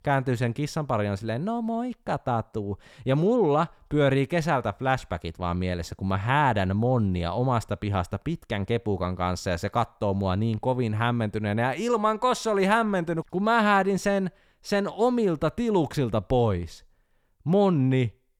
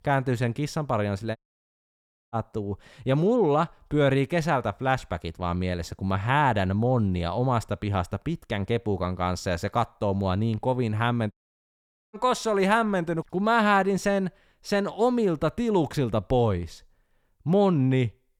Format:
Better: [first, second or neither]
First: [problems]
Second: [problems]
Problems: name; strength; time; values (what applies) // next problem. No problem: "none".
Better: first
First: none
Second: audio cutting out; at 1.5 s for 1 s and at 11 s for 1 s